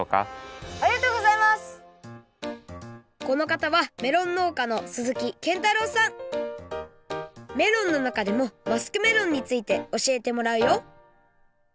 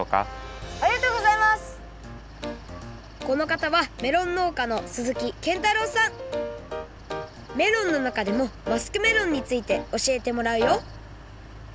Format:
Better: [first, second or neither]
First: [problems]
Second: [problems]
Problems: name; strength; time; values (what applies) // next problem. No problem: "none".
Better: first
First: none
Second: background sound (Mechanical fan); 16 dB below the speech